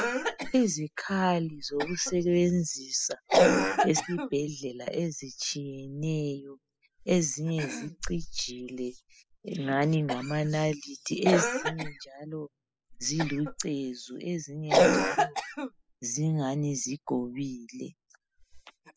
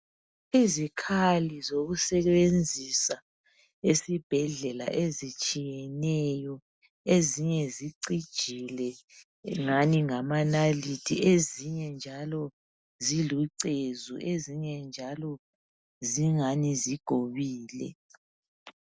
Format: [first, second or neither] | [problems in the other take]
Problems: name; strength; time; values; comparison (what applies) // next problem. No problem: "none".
second | noise reduction (classical method spectral subtraction)